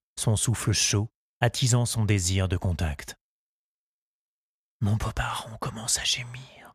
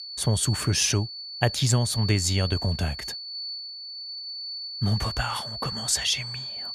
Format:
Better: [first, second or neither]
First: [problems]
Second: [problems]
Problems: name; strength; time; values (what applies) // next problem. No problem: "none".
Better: first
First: none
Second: high-pitched whine; loud; throughout; 4.5 kHz, 7 dB below the speech